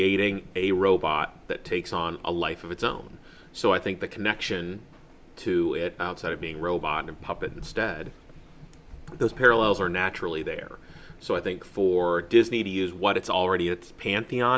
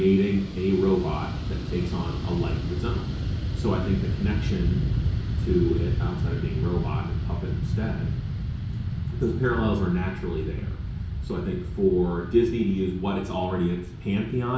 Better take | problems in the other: first | background sound (Fixed-wing aircraft, airplane); 1 dB below the speech // room echo; dies away in 0.6 s

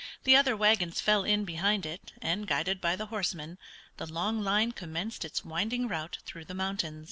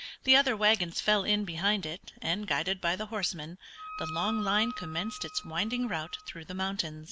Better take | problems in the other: first | background sound (Wind instrument, woodwind instrument); 11 dB below the speech

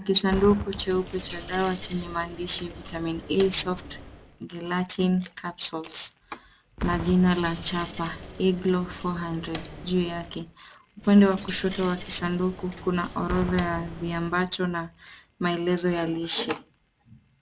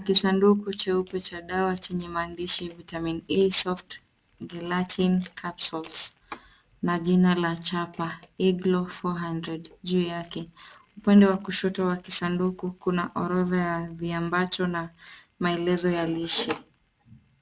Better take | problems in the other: second | background sound (Coin (dropping) + Boom); 13 dB below the speech

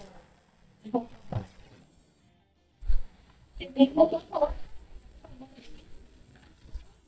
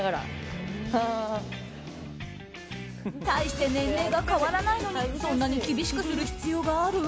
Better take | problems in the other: second | noise reduction (neural mask model DeepFilterNet 3)

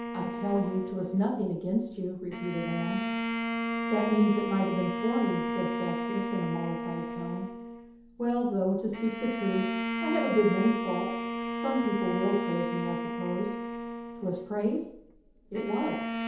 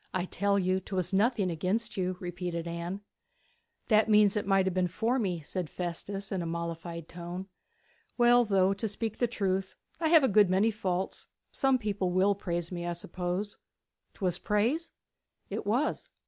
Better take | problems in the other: second | background sound (Bowed string instrument); 3 dB below the speech // room echo; dies away in 0.8 s

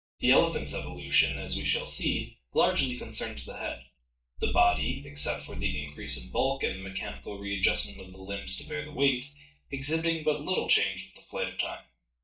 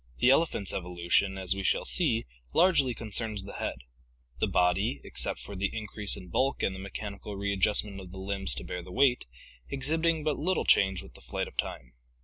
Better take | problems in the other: second | noise reduction (neural mask model DeepFilterNet 3)

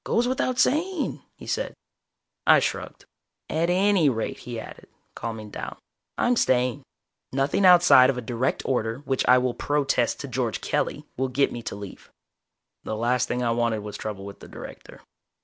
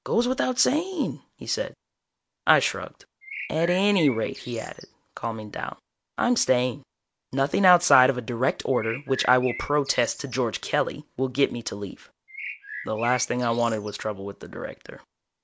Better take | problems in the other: first | background sound (Bird); 13 dB below the speech

